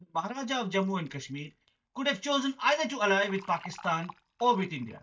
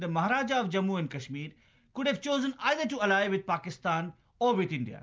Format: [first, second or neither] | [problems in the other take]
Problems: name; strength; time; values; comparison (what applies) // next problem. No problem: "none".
second | noise reduction (neural mask model DeepFilterNet 3)